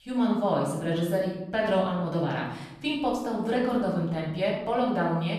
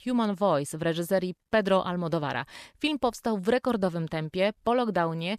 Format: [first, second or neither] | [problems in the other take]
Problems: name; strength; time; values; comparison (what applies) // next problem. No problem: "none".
second | off-mic speech; far // room echo; noticeable; dies away in 0.9 s